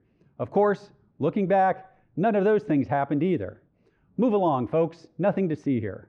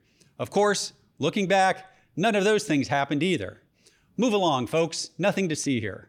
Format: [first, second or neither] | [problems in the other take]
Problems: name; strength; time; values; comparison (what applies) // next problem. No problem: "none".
second | muffled; very; fading above 3.5 kHz